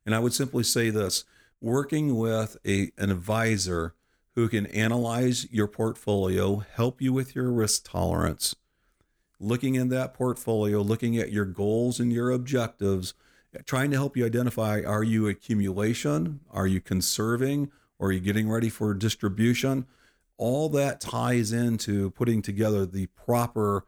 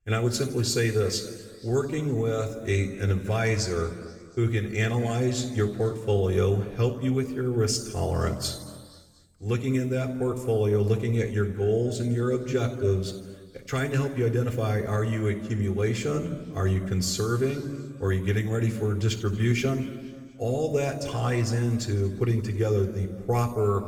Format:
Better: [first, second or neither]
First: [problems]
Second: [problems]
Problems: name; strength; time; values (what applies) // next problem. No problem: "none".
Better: first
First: none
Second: room echo; slight; dies away in 1.8 s // off-mic speech; somewhat distant